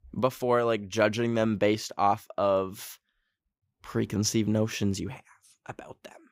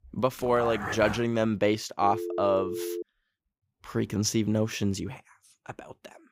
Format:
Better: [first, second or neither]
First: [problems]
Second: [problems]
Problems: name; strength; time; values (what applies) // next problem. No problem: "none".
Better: first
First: none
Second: dog barking; noticeable; at 0.5 s; peak 6 dB below the speech // phone ringing; noticeable; from 2 to 3 s; peak 6 dB below the speech